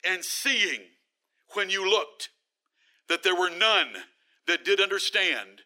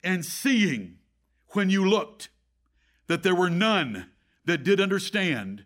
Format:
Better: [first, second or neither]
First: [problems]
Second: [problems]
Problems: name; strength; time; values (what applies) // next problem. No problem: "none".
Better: second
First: thin; very; fading below 350 Hz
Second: none